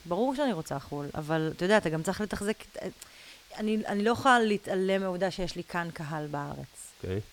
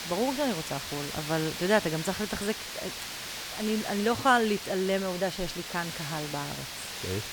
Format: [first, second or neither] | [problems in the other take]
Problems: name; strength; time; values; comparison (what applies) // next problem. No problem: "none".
first | hiss; loud; throughout; 6 dB below the speech; faint in the first